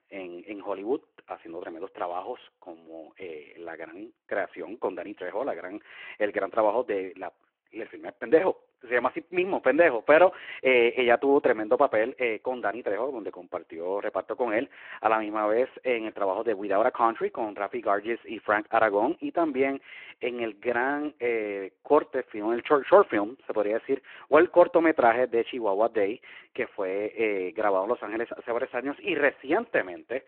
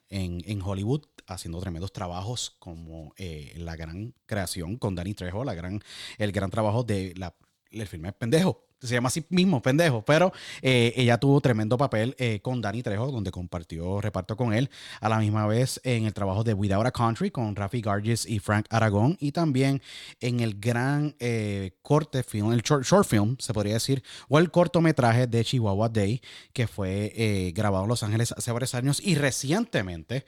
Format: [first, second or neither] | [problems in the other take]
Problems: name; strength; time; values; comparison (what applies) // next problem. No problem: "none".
second | phone-call audio